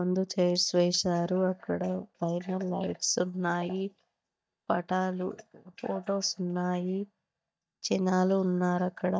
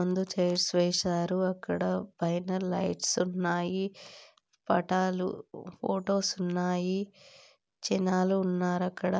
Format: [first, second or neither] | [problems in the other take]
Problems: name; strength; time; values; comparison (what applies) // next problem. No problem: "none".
second | noise reduction (neural mask model DeepFilterNet 3)